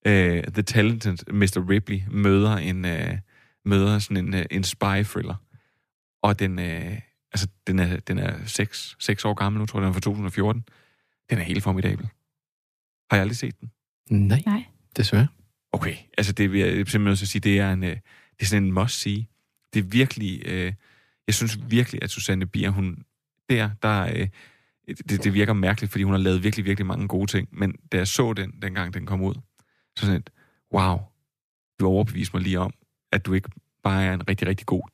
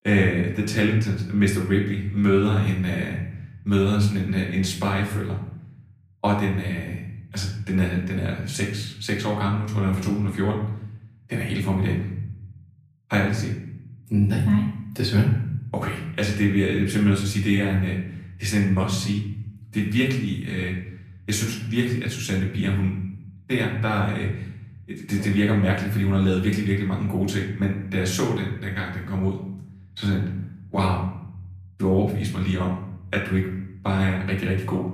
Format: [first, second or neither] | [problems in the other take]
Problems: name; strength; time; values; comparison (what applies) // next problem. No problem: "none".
first | off-mic speech; far // room echo; slight; dies away in 0.7 s